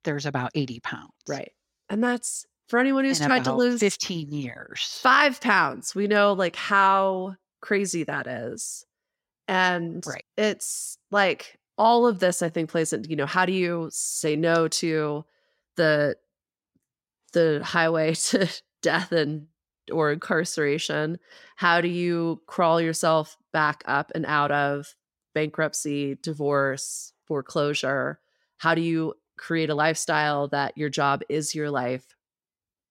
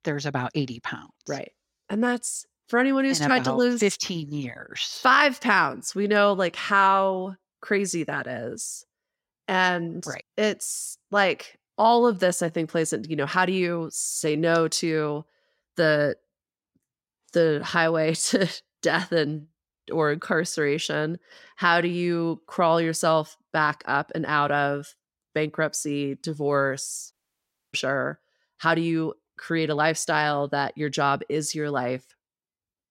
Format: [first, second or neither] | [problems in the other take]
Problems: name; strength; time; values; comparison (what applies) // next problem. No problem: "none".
first | audio cutting out; at 27 s for 0.5 s